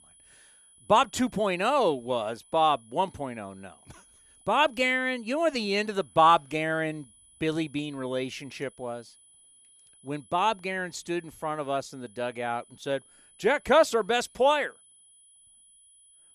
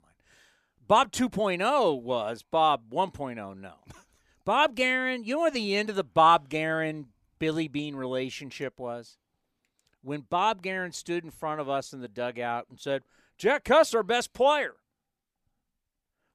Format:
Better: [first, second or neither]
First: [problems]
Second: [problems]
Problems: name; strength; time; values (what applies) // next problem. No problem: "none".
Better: second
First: high-pitched whine; faint; throughout; 10 kHz, 30 dB below the speech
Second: none